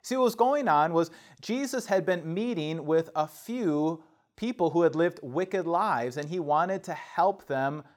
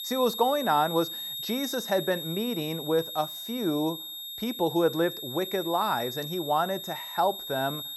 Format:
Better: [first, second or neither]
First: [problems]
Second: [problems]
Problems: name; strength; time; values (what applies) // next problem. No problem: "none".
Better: first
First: none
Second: high-pitched whine; loud; throughout; 3.5 kHz, 6 dB below the speech